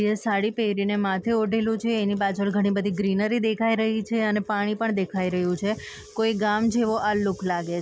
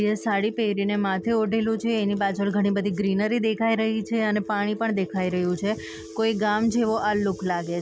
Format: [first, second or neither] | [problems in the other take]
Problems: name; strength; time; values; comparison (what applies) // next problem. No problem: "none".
first | background sound (Telephone); 16 dB below the speech